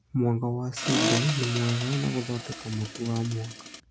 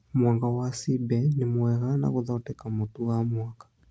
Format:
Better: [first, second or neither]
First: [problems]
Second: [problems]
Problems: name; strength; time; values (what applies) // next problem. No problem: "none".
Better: second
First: background sound (Accelerating, revving, vroom); 4 dB below the speech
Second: none